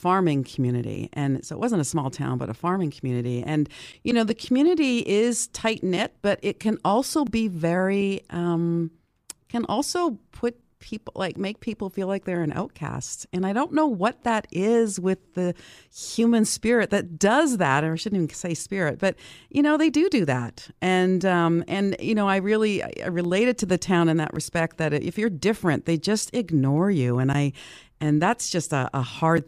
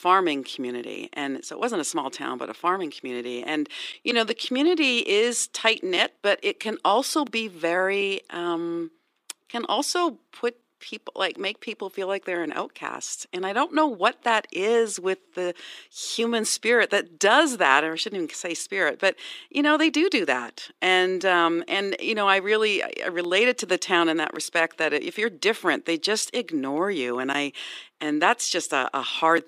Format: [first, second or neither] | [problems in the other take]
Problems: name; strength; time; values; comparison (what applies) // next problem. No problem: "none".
first | thin; somewhat; fading below 300 Hz